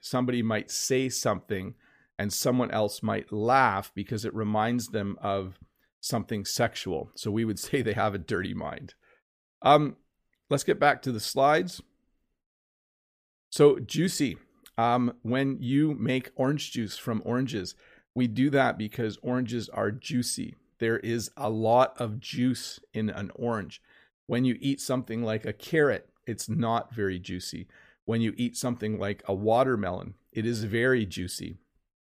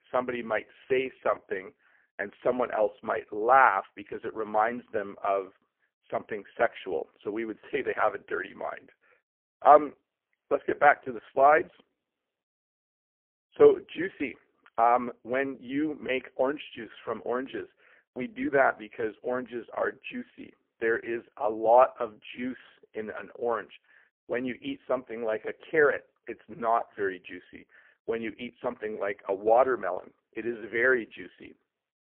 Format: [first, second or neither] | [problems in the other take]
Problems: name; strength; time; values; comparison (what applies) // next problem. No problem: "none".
first | phone-call audio; poor line; nothing above 3 kHz